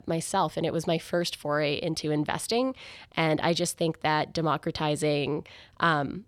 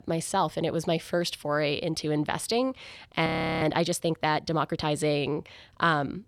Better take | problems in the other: first | audio freezing; at 3.5 s

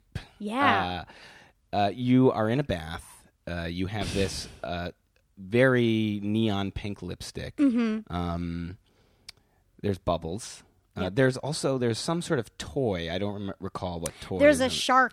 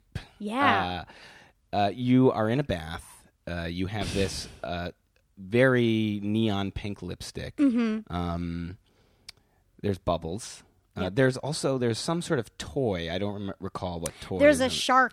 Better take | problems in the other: neither | none

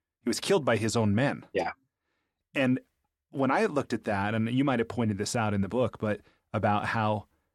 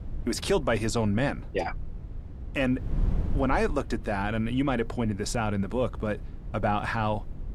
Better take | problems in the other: first | wind noise on the microphone; occasional gusts; 20 dB below the speech

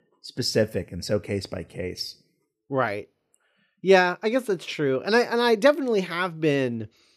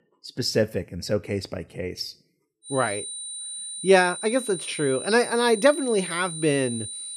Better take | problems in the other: first | high-pitched whine; loud; from 2.5 s on; 9 kHz, 8 dB below the speech

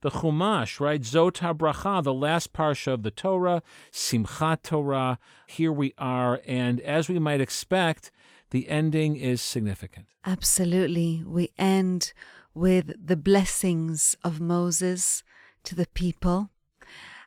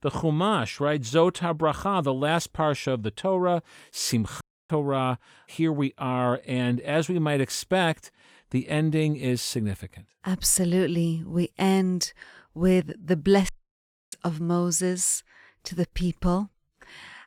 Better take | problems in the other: first | audio cutting out; at 4.5 s and at 13 s for 0.5 s

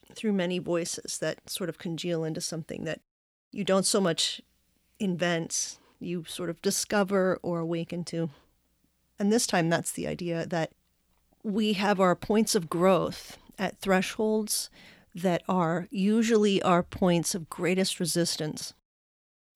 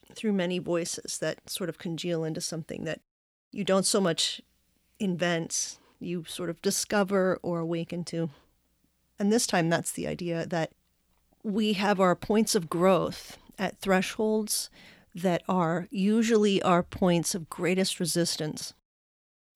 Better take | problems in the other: neither | none

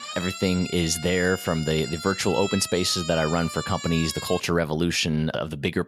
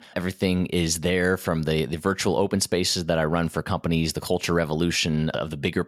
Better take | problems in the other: second | siren; noticeable; until 4.5 s; peak 7 dB below the speech

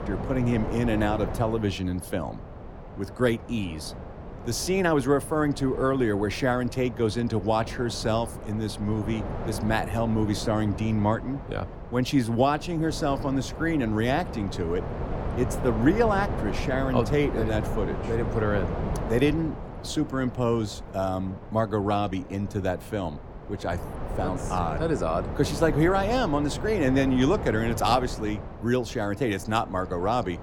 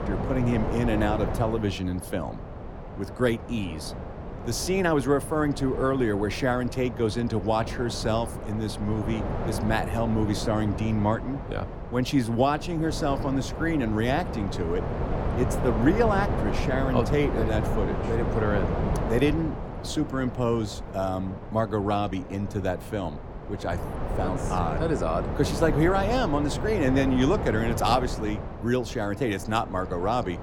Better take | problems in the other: first | wind noise on the microphone; heavy; 7 dB below the speech; occasional gusts in the first

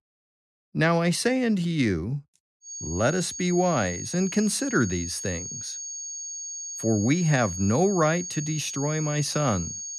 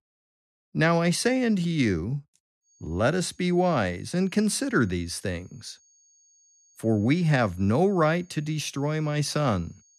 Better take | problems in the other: second | high-pitched whine; loud; from 2.5 s on; 6.5 kHz, 7 dB below the speech; faint in the second

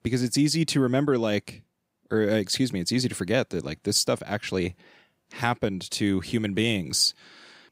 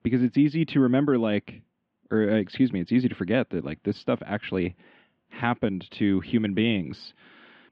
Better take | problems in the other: first | muffled; very; fading above 3 kHz

